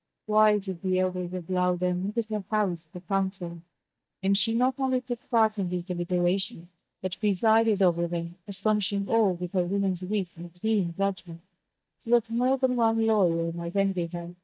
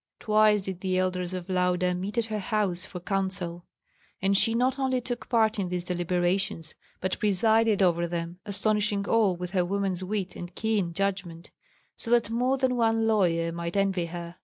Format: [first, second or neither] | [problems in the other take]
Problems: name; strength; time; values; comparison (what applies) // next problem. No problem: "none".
second | noise reduction (neural mask model DeepFilterNet 3)